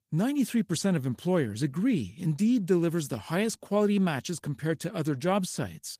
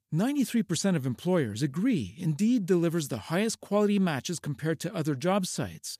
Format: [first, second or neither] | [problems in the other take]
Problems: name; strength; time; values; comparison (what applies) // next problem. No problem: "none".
second | garbled, watery; slightly; nothing above 15 kHz